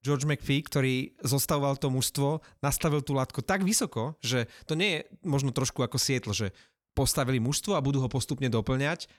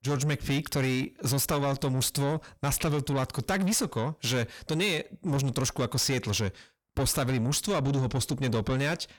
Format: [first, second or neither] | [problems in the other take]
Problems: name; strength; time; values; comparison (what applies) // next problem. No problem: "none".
first | distortion; slight; 10 dB below the speech